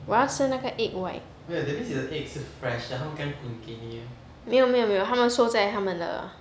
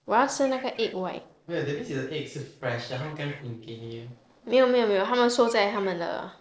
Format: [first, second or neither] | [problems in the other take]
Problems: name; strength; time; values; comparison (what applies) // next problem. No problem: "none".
first | noise reduction (neural separator model SepFormer DNS4)